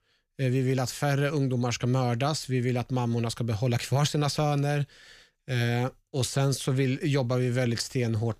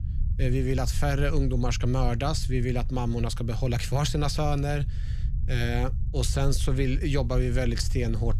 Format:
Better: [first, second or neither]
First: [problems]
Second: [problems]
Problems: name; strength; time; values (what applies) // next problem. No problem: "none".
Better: first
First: none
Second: low rumble; noticeable; throughout; 15 dB below the speech